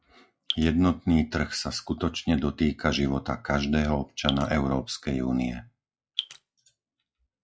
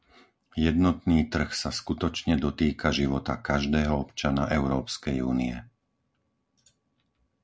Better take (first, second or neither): second